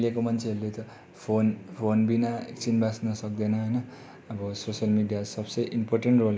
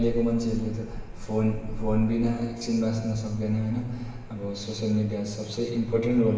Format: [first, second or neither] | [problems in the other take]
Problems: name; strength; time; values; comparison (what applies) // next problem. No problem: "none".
first | background sound (Cricket / Motor vehicle (road)); 9 dB below the speech // room echo; dies away in 1 s